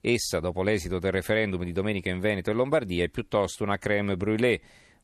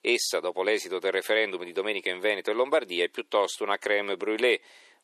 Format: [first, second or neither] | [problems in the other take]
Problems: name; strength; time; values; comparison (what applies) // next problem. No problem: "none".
first | thin; very; fading below 350 Hz